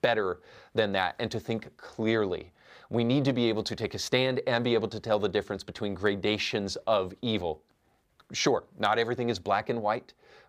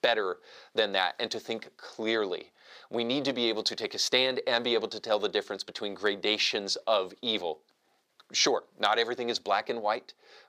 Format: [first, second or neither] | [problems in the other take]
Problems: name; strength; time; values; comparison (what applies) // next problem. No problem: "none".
first | thin; very slightly; fading below 350 Hz